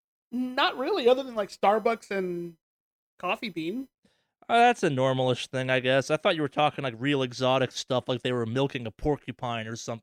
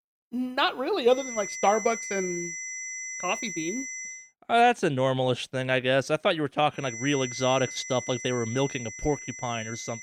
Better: first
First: none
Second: high-pitched whine; loud; from 1 to 4 s and from 7 s on; 2 kHz, 8 dB below the speech

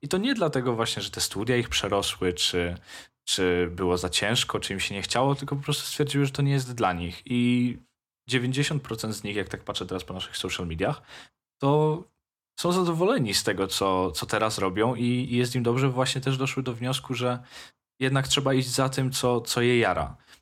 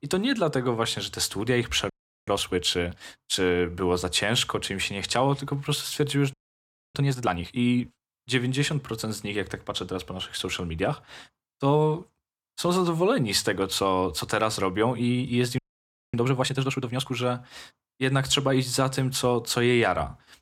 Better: first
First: none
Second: audio freezing; at 2 s, at 6.5 s for 0.5 s and at 16 s for 0.5 s

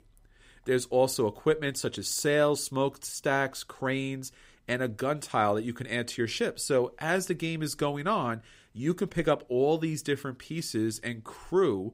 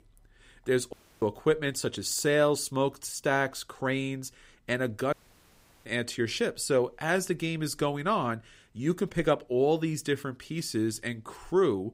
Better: first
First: none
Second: audio cutting out; at 1 s and at 5 s for 0.5 s

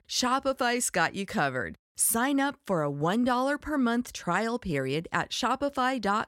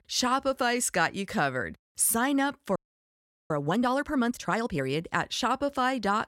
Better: first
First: none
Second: audio freezing; at 3 s for 0.5 s

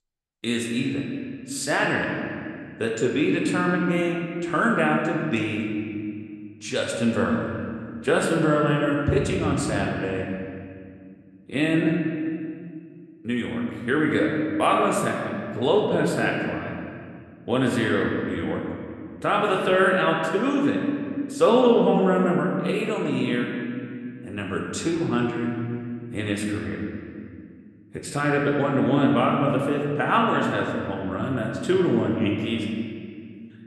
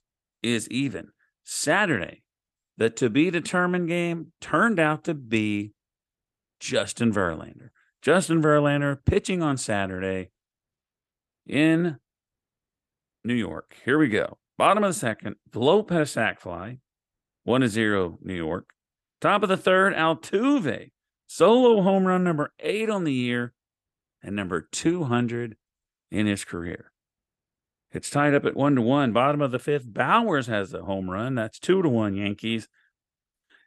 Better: second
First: room echo; noticeable; dies away in 2.1 s // off-mic speech; somewhat distant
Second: none

